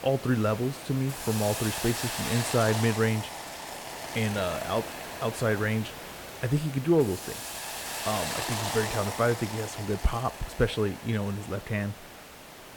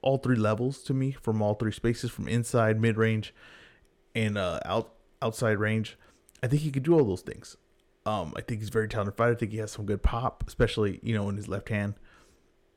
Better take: second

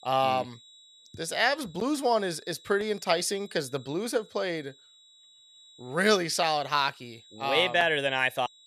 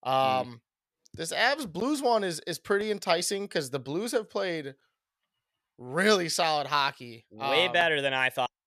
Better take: second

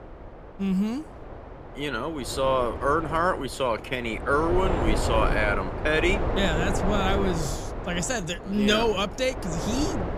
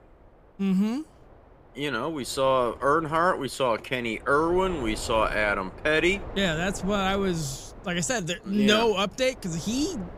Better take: second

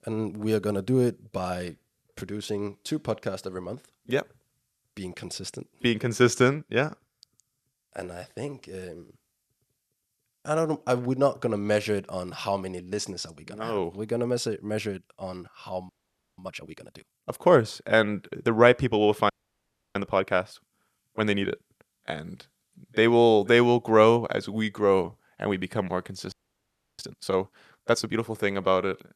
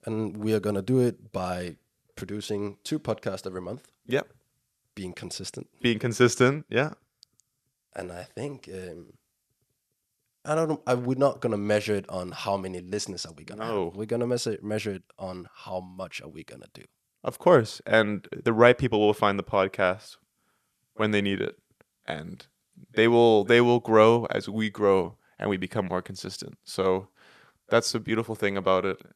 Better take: second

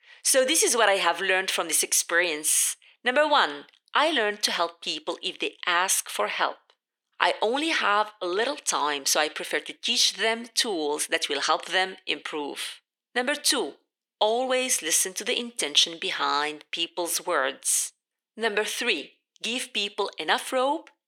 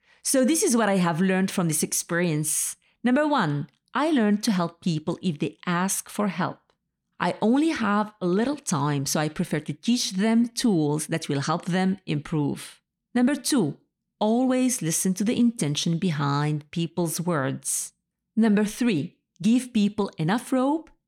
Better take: second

